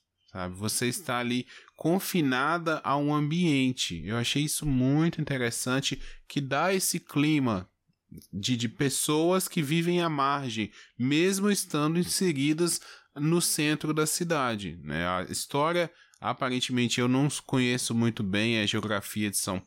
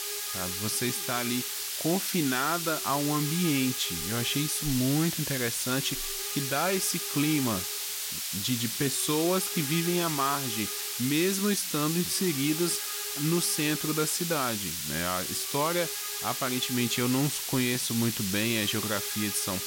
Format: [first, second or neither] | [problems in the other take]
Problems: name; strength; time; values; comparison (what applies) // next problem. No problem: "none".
first | hiss; loud; throughout; 1 dB below the speech